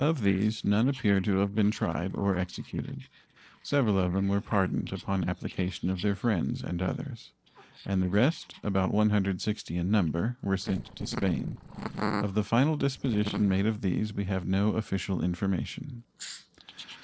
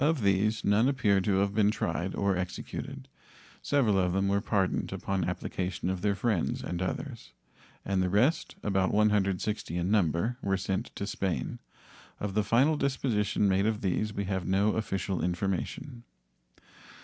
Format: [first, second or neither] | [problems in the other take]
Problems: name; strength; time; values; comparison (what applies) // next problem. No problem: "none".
second | noise reduction (neural separator model SepFormer DNS4)